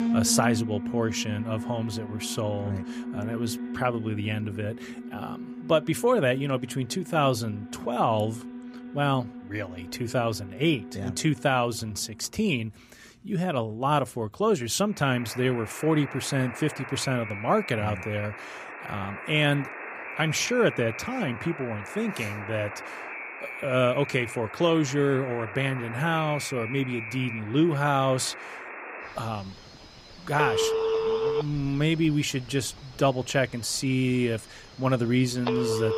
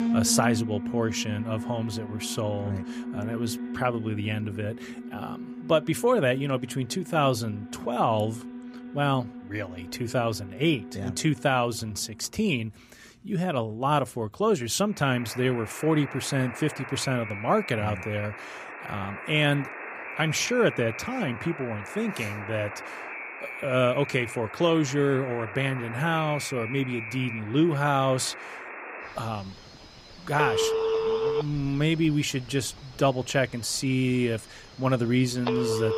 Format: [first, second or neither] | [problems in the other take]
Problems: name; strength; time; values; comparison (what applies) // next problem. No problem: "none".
neither | alarms or sirens; loud; throughout; 8 dB below the speech; the same in both